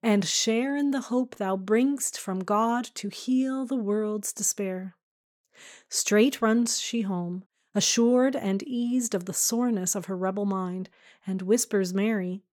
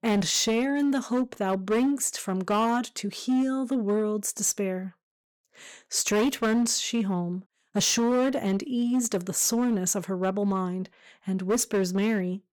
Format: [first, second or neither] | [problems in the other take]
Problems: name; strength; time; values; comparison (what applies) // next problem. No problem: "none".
first | distortion; slight; 9% of the sound clipped